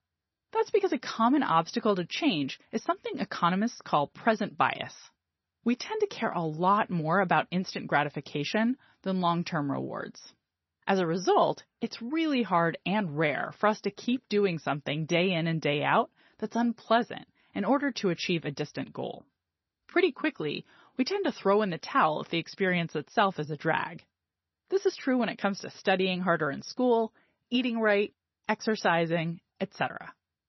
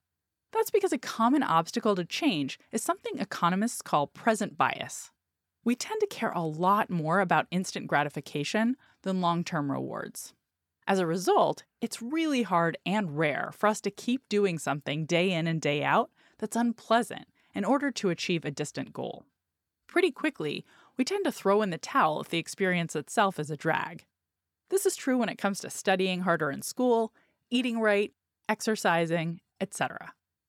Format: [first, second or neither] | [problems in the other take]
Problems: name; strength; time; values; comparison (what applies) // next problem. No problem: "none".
second | garbled, watery; slightly; nothing above 6 kHz